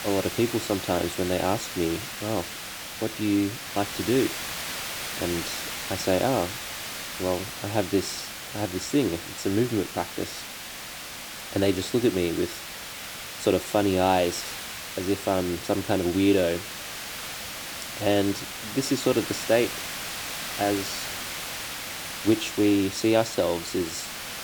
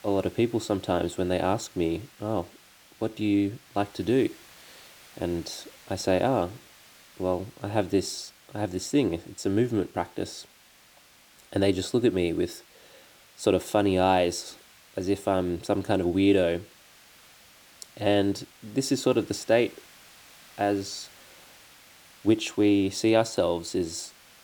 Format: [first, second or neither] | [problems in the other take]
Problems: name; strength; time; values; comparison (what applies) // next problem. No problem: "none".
second | hiss; loud; throughout; 7 dB below the speech; faint in the second